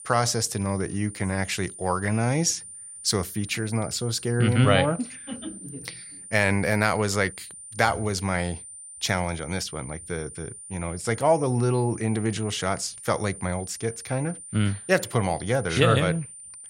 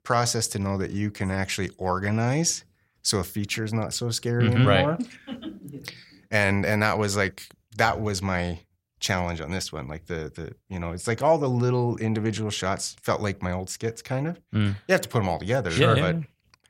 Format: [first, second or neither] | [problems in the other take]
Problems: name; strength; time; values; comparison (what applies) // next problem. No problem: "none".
second | high-pitched whine; noticeable; throughout; 9 kHz, 15 dB below the speech